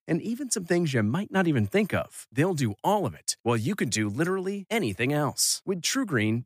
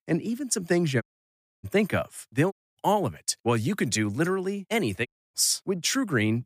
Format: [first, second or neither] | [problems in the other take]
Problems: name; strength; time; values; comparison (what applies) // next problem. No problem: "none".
first | audio cutting out; at 1 s for 0.5 s, at 2.5 s and at 5 s